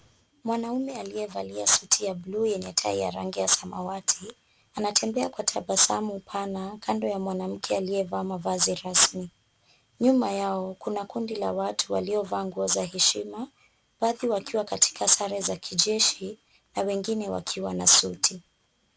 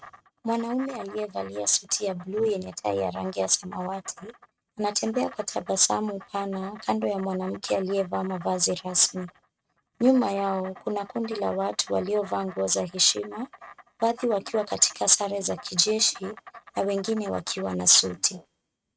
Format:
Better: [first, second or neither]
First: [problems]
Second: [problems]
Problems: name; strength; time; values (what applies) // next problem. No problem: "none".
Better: first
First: none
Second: noise reduction (neural mask model RNNoise)